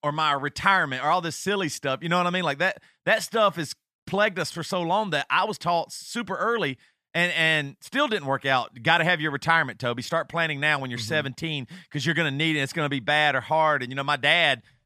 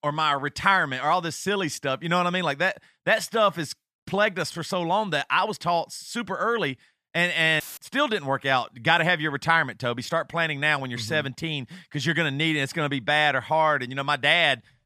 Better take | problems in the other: first | audio cutting out; filled with static; at 7.5 s

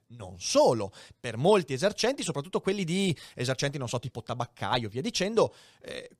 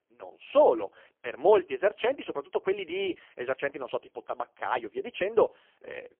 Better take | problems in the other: first | phone-call audio; poor line; nothing above 3 kHz

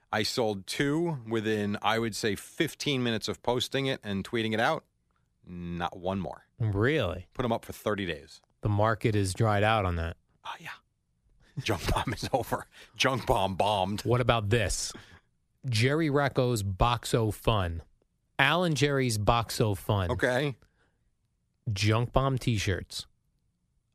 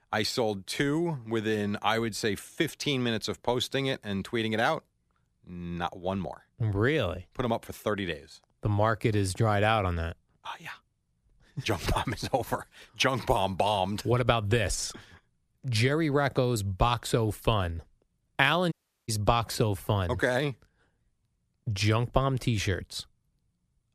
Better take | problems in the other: first | audio cutting out; at 19 s

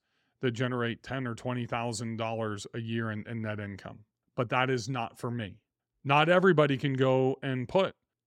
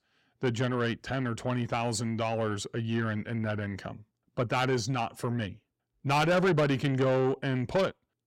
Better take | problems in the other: first | distortion; heavy; 8 dB below the speech

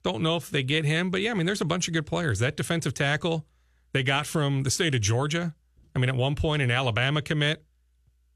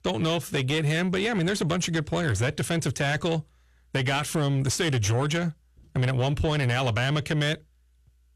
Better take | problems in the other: first | distortion; slight; 10 dB below the speech

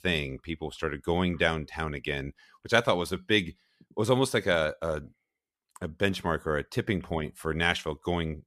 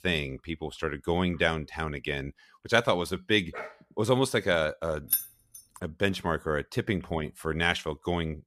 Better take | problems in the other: first | dog barking; faint; at 3.5 s; peak 10 dB below the speech // jangling keys; loud; at 5 s; peak 1 dB above the speech

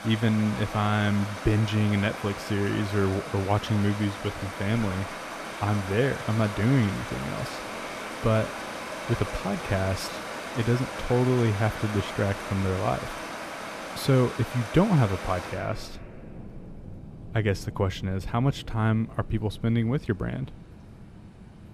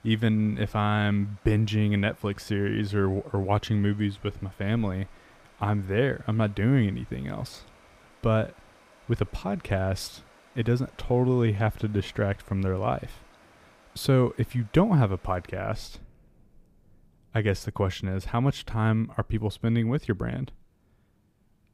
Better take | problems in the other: second | rain or running water; loud; throughout; 9 dB below the speech; faint in the second

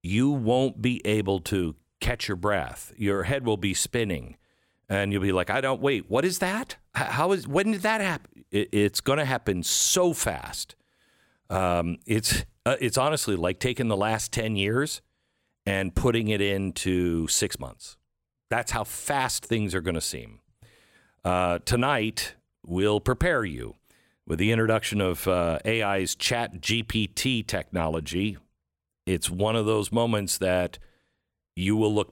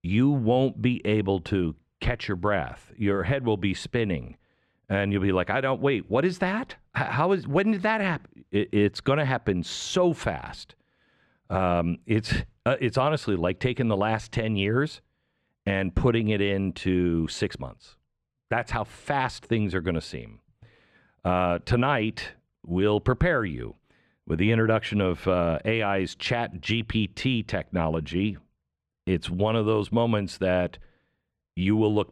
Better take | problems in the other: first | muffled; slightly; fading above 3 kHz

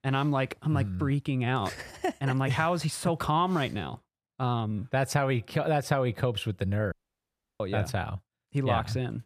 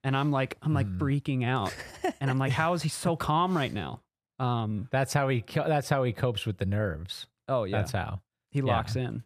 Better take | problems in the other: second | audio cutting out; at 7 s for 0.5 s

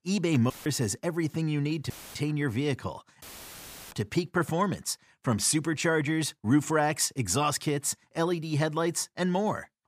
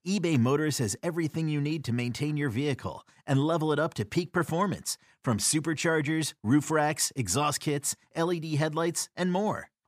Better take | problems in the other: second | audio cutting out; filled with static; at 0.5 s, at 2 s and at 3 s for 0.5 s

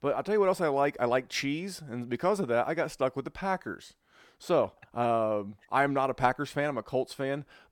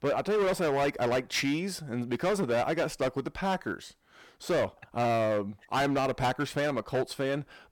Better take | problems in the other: first | distortion; heavy; 15% of the sound clipped

